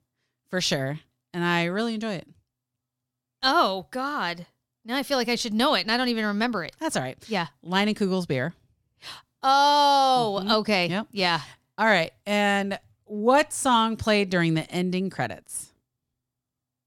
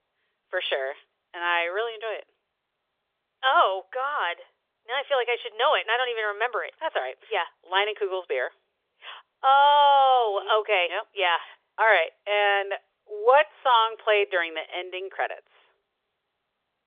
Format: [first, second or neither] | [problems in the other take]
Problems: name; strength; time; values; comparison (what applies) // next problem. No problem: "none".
first | phone-call audio; nothing above 3.5 kHz